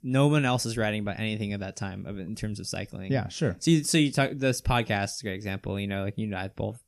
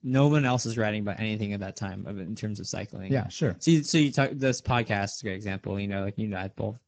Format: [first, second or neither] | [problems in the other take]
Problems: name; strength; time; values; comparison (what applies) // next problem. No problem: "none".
first | garbled, watery; badly; nothing above 7.5 kHz